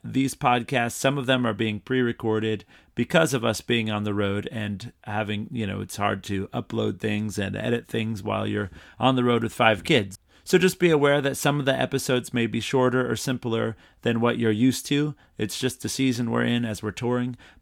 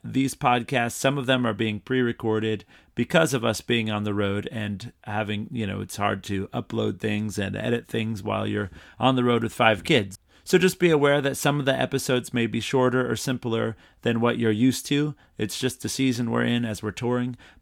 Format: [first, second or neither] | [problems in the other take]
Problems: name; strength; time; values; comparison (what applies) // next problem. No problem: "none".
neither | none